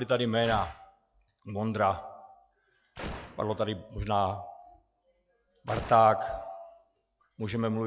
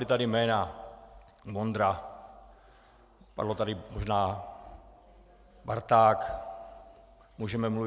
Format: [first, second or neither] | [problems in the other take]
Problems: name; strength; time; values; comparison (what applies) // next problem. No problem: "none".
second | noise reduction (classical method log-MMSE)